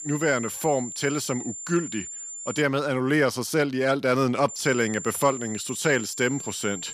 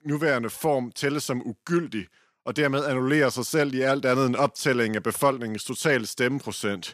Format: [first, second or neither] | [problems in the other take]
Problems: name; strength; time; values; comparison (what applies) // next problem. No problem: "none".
second | high-pitched whine; loud; until 2.5 s and from 4.5 s on; 7.5 kHz, 9 dB below the speech